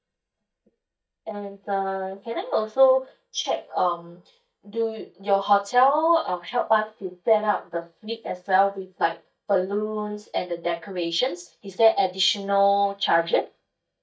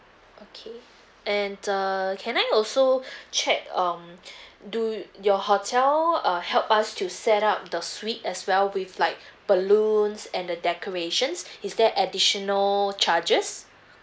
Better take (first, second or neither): second